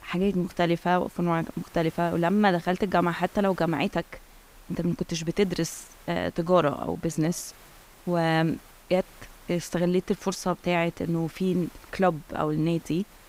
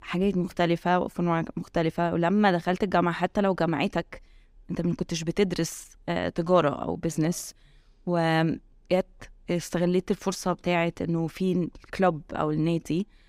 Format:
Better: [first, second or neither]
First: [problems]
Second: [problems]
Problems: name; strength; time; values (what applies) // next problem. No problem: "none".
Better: second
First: hiss; faint; throughout; 25 dB below the speech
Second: none